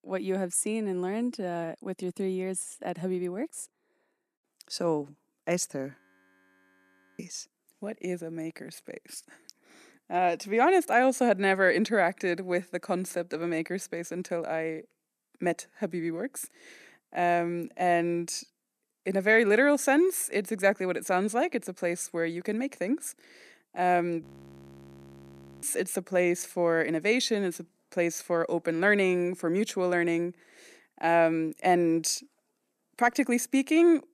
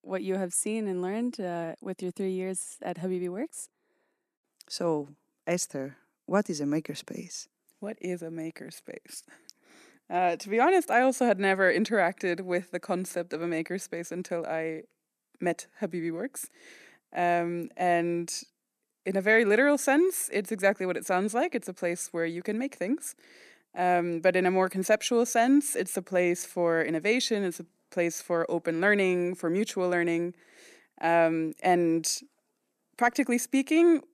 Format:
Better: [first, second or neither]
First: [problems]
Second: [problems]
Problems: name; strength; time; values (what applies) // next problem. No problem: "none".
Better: second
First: audio freezing; at 6 s for 1 s and at 24 s for 1.5 s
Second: none